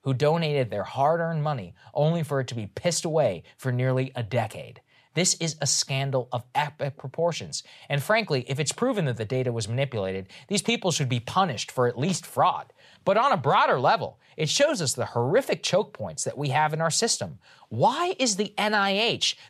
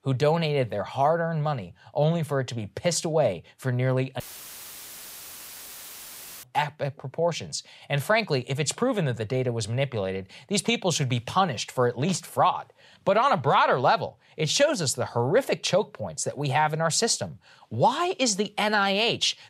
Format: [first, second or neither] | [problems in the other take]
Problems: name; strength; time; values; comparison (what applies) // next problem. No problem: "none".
first | audio cutting out; filled with static; at 4 s for 2 s